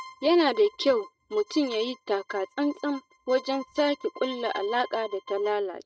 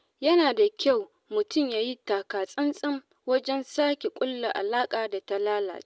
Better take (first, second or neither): second